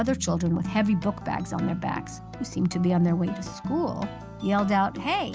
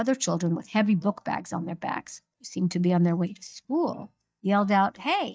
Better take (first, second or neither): first